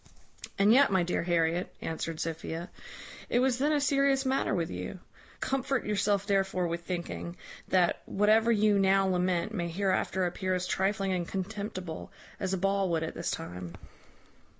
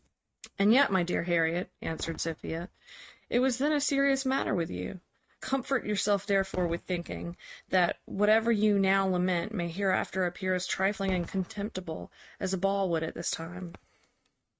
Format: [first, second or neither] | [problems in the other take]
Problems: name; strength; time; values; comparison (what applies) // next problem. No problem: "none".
first | noise reduction (neural mask model RNNoise)